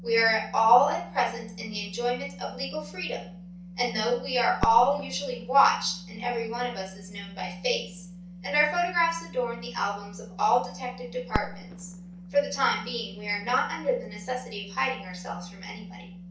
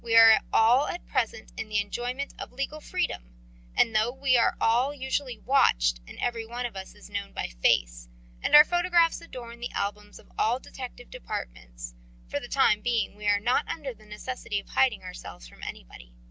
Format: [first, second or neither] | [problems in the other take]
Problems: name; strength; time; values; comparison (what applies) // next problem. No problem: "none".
second | background sound (Fireworks); 17 dB below the speech // room echo; dies away in 0.6 s